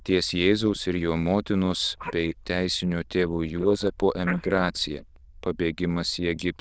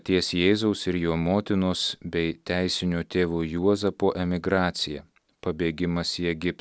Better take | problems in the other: second | noise reduction (neural diffusion model UNIVERSE++)

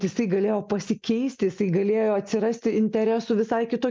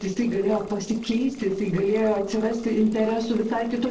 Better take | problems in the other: first | noise reduction (neural separator model SepFormer DNS4)

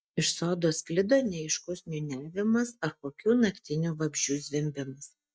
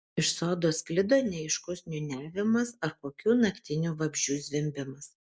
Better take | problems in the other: second | noise reduction (neural mask model DeepFilterNet 3)

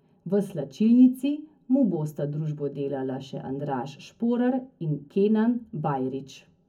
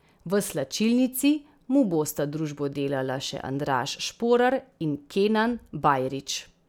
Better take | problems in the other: second | room echo; dies away in 0.3 s

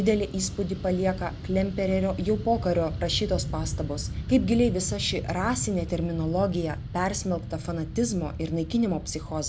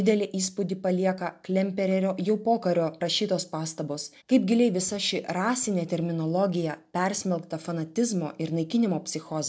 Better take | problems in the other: second | background sound (Fixed-wing aircraft, airplane); 7 dB below the speech

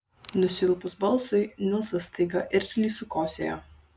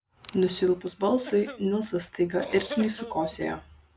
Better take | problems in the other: first | background sound (Cough); 15 dB below the speech

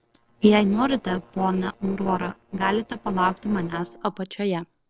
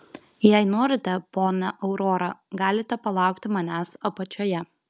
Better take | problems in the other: second | noise reduction (neural separator model SepFormer DNS4)

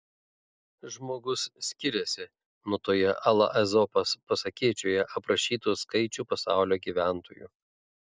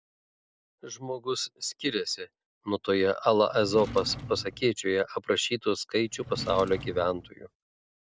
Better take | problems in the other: first | background sound (Drawer open or close); 12 dB below the speech

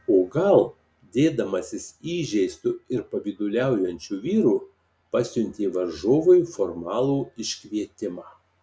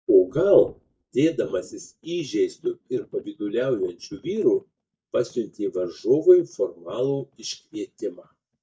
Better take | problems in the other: first | noise reduction (neural mask model DeepFilterNet 3)

